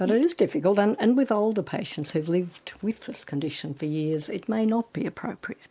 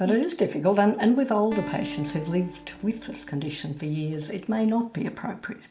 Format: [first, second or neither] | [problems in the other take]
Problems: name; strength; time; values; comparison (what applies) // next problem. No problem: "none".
first | background sound (Acoustic guitar); 15 dB below the speech // room echo; dies away in 1.2 s